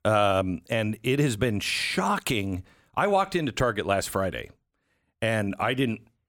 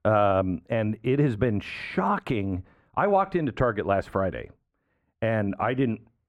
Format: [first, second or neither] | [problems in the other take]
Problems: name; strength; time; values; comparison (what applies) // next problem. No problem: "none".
first | muffled; very; fading above 3.5 kHz